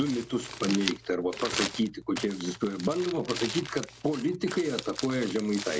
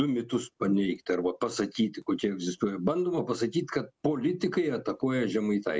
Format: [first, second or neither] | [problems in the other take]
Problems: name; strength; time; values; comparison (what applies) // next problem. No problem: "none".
second | background sound (Crumpling, crinkling); 9 dB below the speech